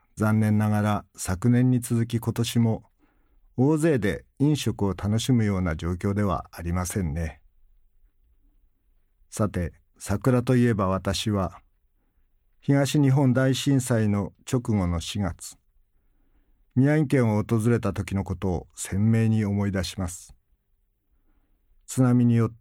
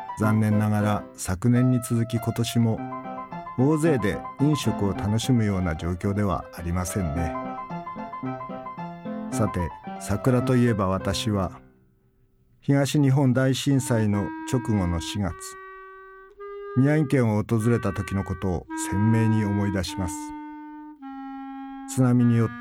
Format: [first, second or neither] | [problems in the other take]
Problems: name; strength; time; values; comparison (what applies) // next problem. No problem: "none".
first | background music; noticeable; throughout; 10 dB below the speech